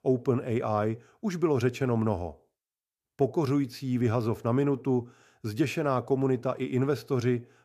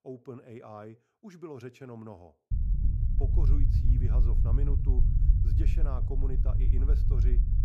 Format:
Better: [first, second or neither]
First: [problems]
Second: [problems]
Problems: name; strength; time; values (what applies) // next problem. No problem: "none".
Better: first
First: none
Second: low rumble; loud; from 2.5 s on; as loud as the speech